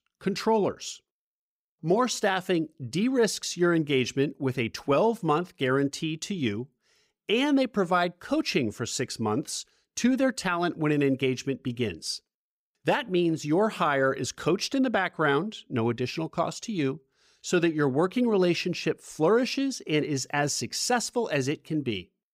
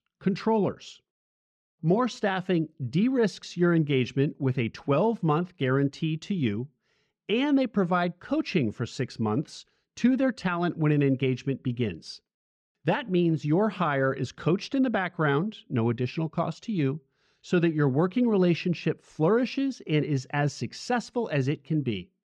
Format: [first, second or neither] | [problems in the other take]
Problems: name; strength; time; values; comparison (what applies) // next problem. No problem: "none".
first | muffled; slightly; fading above 3.5 kHz